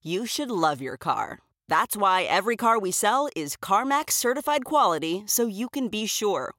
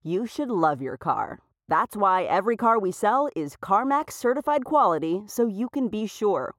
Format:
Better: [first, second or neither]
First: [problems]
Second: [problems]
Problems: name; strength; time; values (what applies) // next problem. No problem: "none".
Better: first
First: none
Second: muffled; very; fading above 1.5 kHz